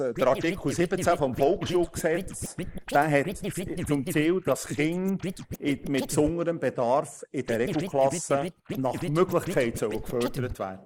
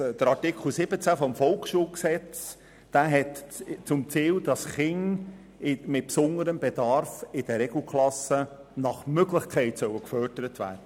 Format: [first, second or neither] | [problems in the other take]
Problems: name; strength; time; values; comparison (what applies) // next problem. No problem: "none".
second | noise reduction (neural mask model Resemble Enhance denoiser)